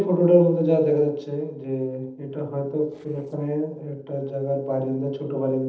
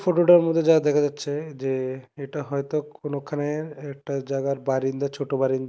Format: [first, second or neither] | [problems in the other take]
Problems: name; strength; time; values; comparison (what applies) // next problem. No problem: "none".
second | noise reduction (neural separator model SepFormer DNS4)